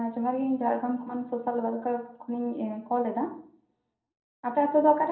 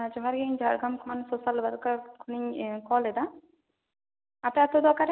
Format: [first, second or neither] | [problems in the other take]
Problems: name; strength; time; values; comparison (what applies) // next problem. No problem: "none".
second | room echo; dies away in 0.6 s